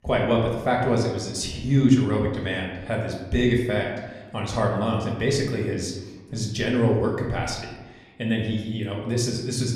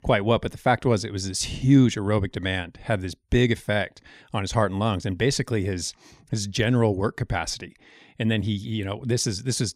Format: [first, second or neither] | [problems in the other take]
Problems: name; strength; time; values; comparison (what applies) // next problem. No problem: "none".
second | room echo; slight; dies away in 0.9 s // off-mic speech; somewhat distant